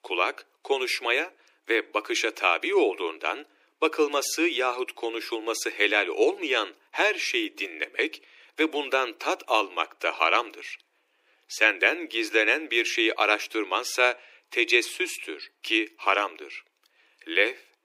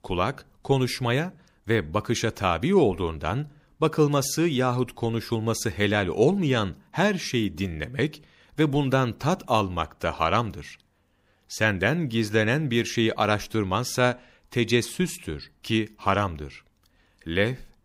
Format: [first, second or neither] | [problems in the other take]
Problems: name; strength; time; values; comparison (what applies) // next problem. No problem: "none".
second | thin; very; fading below 300 Hz